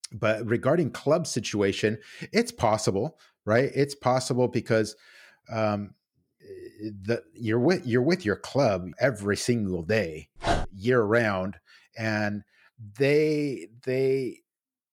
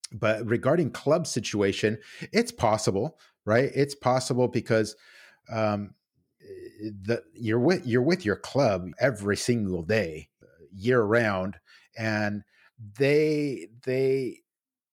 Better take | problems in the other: second | dog barking; noticeable; at 10 s; peak 2 dB below the speech

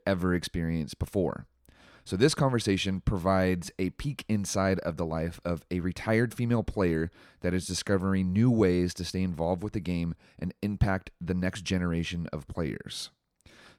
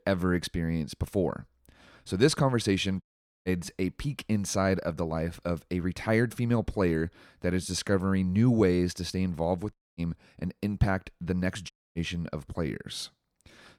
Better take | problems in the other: first | audio cutting out; at 3 s, at 9.5 s and at 12 s

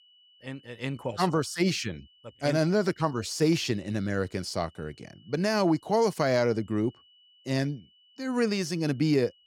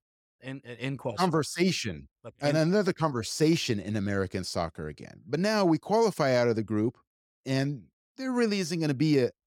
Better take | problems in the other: second | high-pitched whine; faint; throughout; 3 kHz, 30 dB below the speech

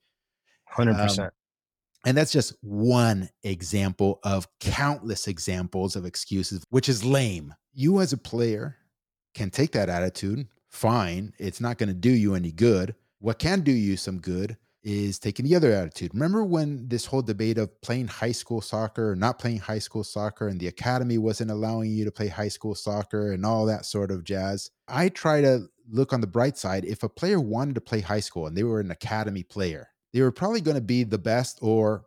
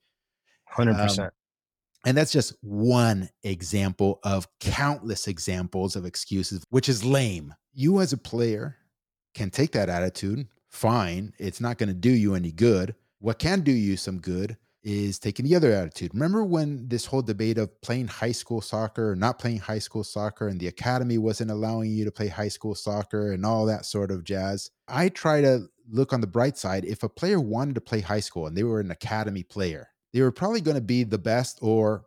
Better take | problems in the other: neither | none

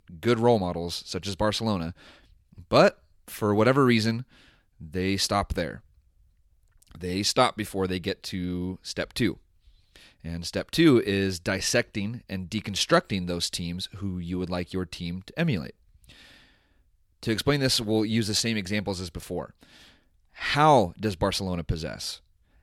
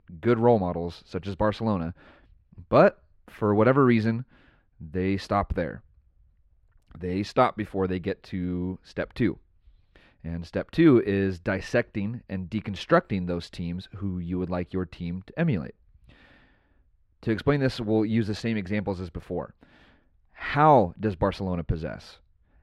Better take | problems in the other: first | muffled; very; fading above 3.5 kHz

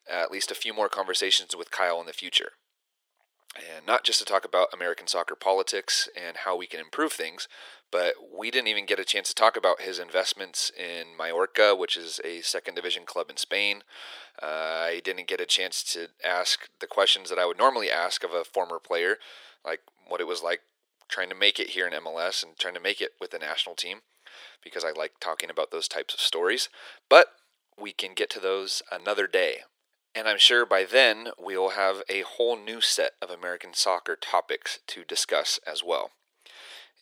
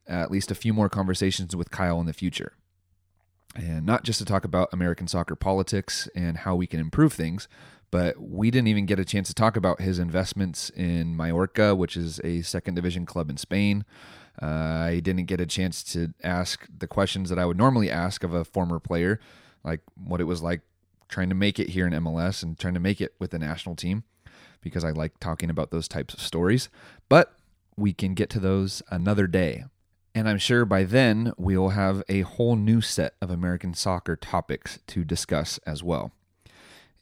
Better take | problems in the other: second | thin; very; fading below 400 Hz

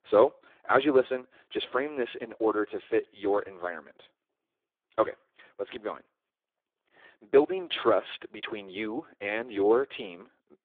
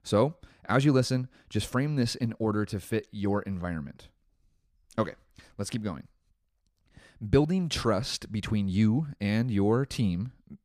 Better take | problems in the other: second | phone-call audio; poor line; nothing above 3.5 kHz

